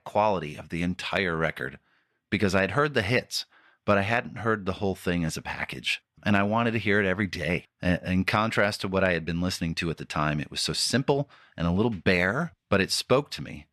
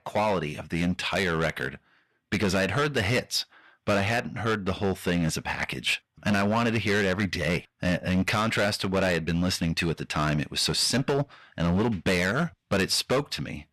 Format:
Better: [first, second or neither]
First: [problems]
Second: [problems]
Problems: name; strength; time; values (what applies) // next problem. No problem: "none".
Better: first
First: none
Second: distortion; heavy; 12% of the sound clipped